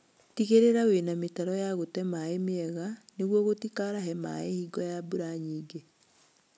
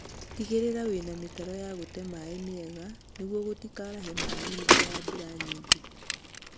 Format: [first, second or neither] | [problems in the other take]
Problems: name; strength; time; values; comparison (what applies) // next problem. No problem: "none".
first | background sound (Bicycle); 4 dB above the speech